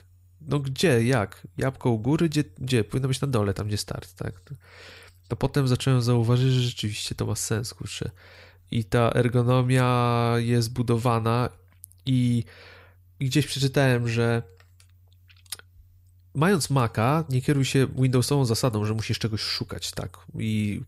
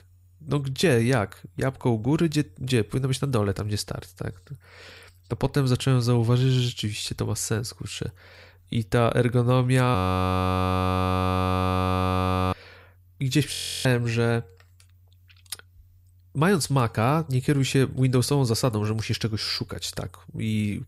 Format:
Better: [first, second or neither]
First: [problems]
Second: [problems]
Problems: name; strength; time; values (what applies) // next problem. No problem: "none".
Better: first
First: none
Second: audio freezing; at 10 s for 2.5 s and at 14 s